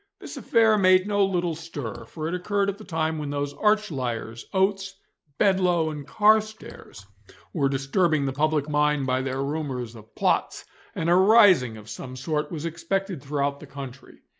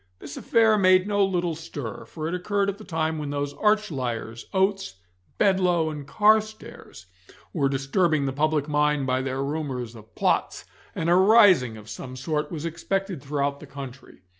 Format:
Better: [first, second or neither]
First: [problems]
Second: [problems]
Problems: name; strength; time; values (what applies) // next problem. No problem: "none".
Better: second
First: noise reduction (neural mask model Resemble Enhance denoiser)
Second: none